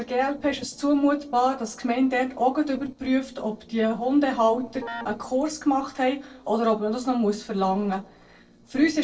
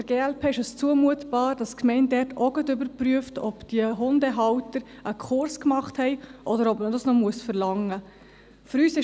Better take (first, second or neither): second